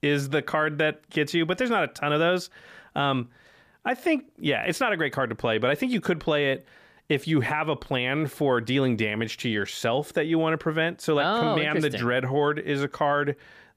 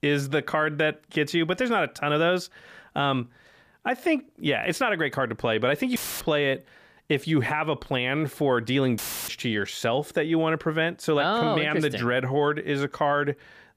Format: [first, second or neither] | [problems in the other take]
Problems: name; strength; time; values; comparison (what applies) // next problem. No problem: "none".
first | audio cutting out; filled with static; at 6 s and at 9 s